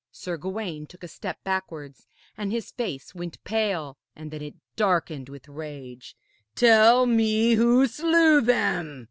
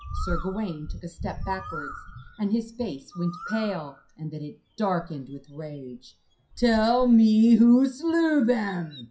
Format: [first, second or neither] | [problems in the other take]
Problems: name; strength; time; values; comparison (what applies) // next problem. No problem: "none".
first | noise reduction (classical method WPE with log-MMSE)